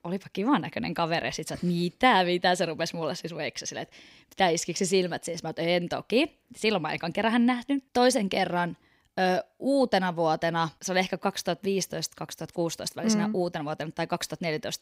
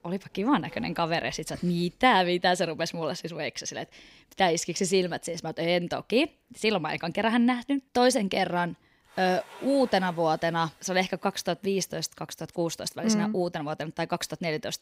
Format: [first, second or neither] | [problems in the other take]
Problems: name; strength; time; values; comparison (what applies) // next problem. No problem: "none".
first | household noises; faint; throughout; 25 dB below the speech